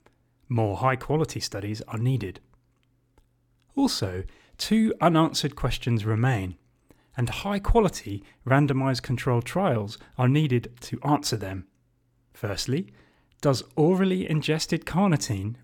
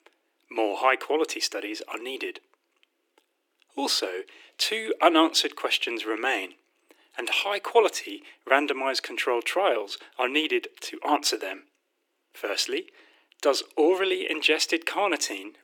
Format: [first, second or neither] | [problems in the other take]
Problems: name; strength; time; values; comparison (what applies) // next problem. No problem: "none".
first | thin; very; fading below 300 Hz